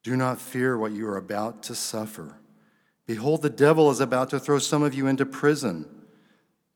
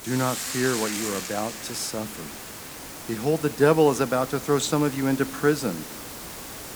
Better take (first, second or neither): first